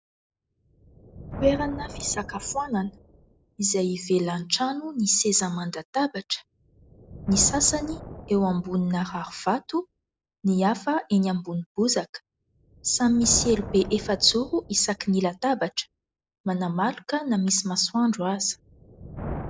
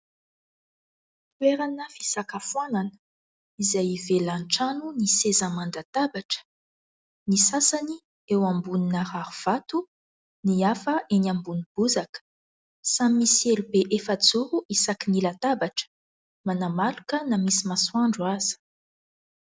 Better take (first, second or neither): second